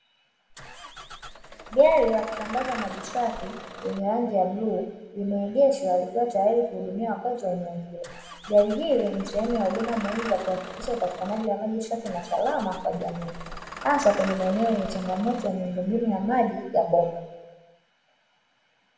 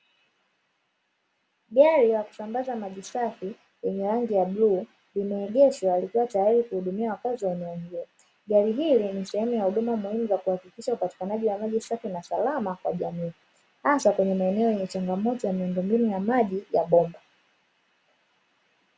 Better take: second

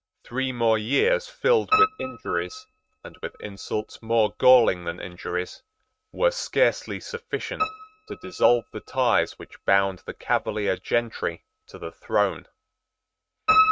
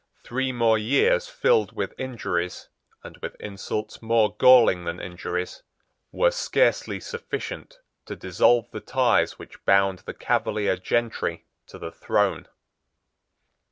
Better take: second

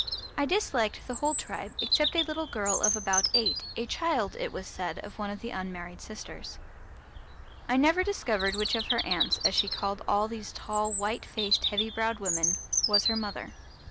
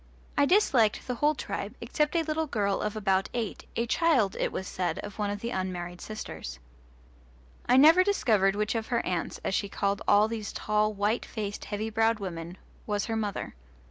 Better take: second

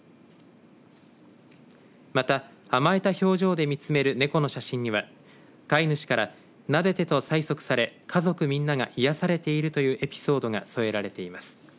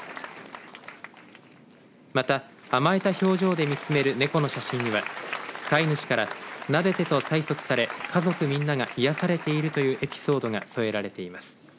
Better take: first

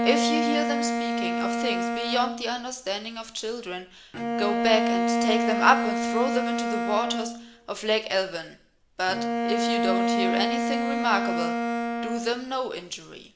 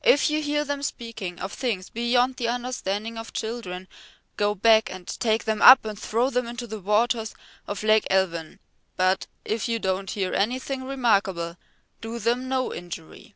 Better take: second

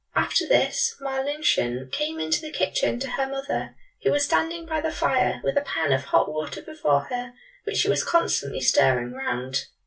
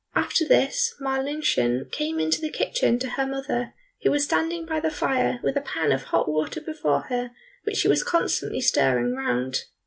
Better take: second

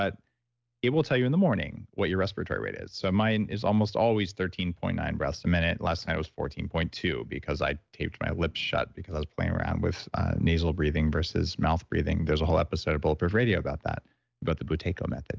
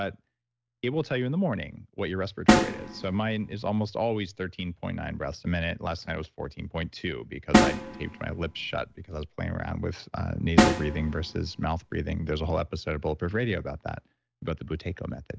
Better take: first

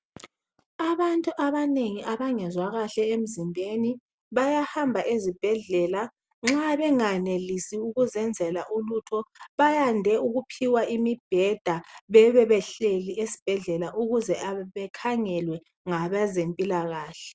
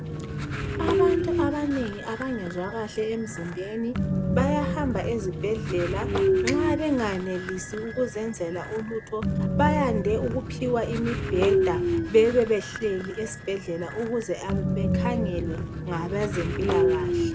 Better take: first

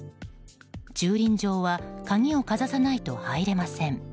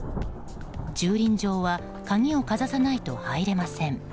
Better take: first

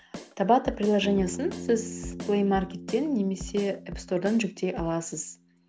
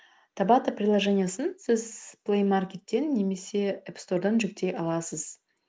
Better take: second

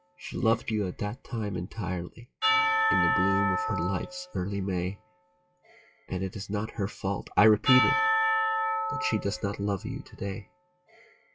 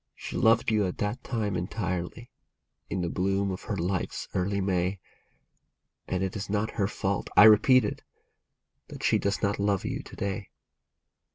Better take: second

